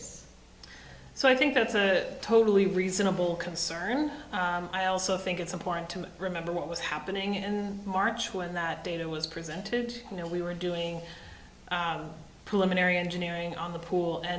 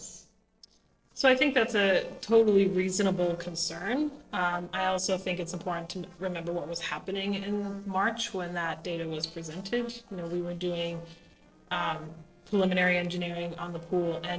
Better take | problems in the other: first | noise reduction (neural separator model SepFormer DNS4)

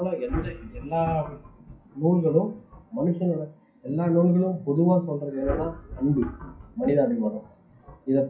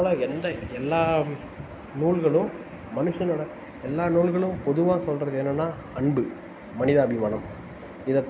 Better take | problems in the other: second | noise reduction (classical method WPE with log-MMSE)

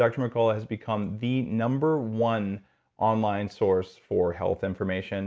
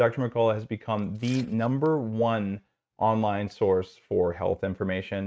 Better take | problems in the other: first | noise reduction (neural mask model RNNoise)

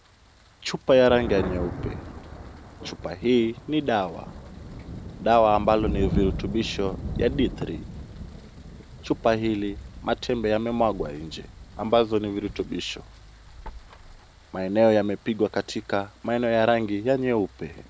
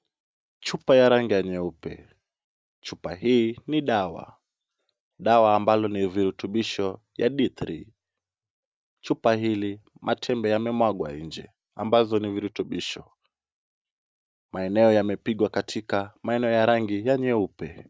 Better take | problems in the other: second | background sound (Thunder); 11 dB below the speech

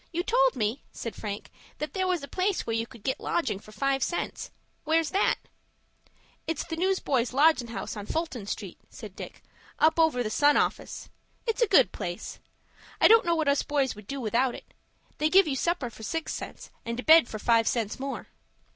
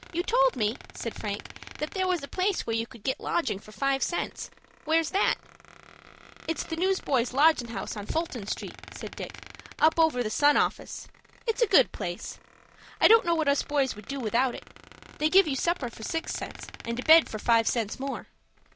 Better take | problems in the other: first | background sound (Squeak); 20 dB below the speech

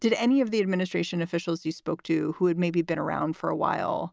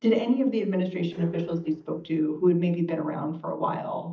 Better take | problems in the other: first | noise reduction (neural mask model DeepFilterNet 3)

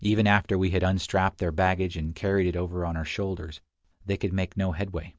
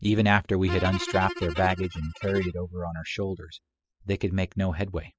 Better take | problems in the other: first | noise reduction (classical method spectral subtraction)

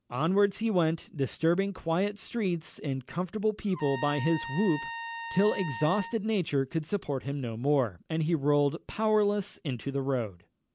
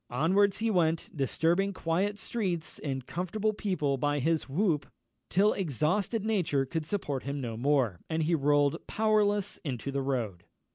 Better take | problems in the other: second | background sound (Trumpet); 10 dB below the speech

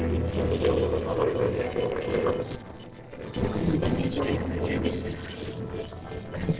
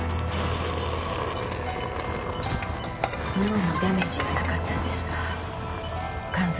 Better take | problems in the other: second | noise reduction (neural separator model SepFormer DNS4)

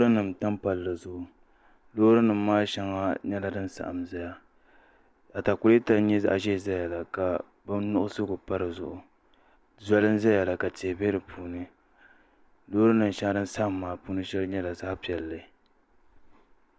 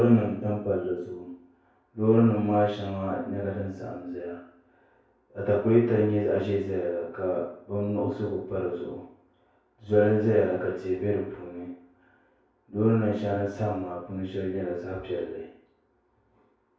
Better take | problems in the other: first | room echo; dies away in 0.6 s

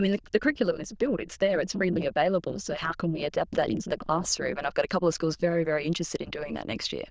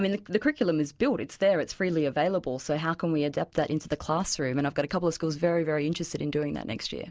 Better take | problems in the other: second | noise reduction (neural diffusion model UNIVERSE++)

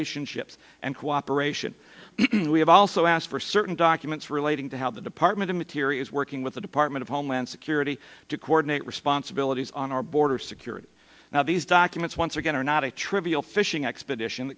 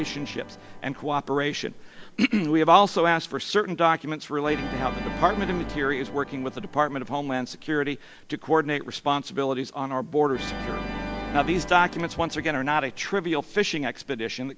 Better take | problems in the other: first | background sound (Organ); 12 dB below the speech

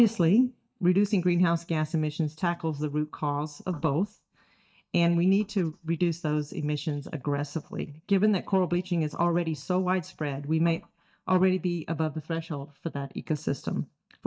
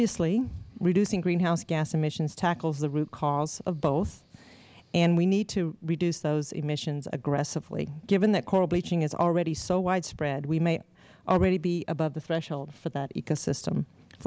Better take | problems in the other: second | noise reduction (neural mask model DeepFilterNet 3)

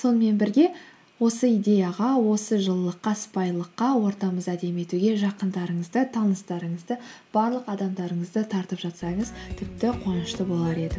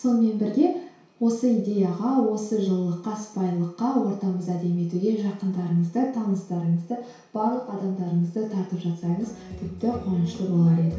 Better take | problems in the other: first | room echo; dies away in 0.6 s

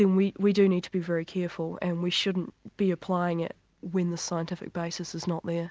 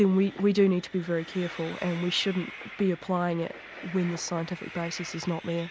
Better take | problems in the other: first | background sound (Train); 16 dB below the speech

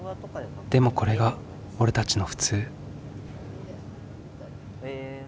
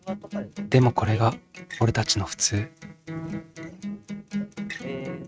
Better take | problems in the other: first | noise reduction (neural mask model RNNoise)

